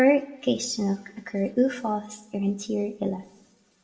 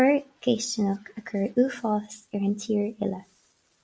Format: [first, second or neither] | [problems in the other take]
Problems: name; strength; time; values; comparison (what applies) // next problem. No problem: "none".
second | room echo; dies away in 0.8 s